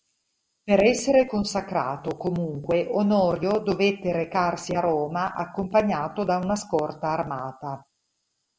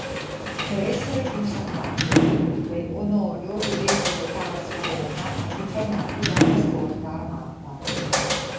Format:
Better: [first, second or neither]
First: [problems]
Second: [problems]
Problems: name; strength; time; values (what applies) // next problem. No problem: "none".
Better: first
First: none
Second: background sound (Sliding door / Slam); 5 dB above the speech // room echo; dies away in 0.8 s